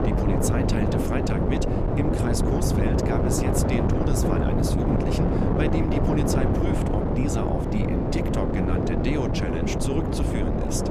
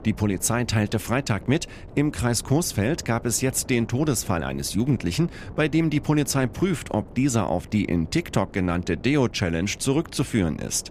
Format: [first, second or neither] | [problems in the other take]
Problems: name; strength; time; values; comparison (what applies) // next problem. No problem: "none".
second | wind noise on the microphone; heavy; 4 dB above the speech; occasional gusts in the second